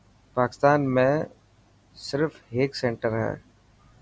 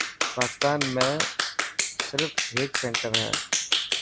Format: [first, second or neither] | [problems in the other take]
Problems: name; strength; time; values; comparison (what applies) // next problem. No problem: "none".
first | background sound (Clapping); 3 dB above the speech